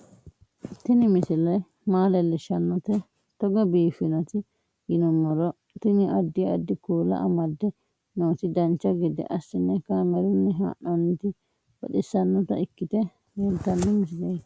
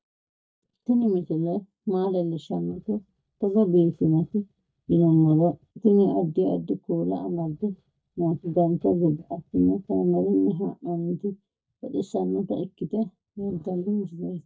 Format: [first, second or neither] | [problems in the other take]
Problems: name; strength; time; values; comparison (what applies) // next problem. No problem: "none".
first | noise reduction (neural mask model DeepFilterNet 3)